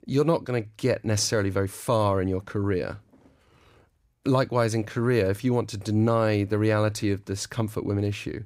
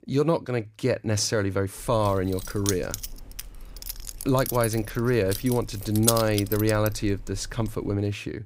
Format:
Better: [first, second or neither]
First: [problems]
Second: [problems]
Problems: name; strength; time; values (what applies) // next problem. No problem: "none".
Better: first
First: none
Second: jangling keys; loud; from 2 to 8 s; peak 1 dB above the speech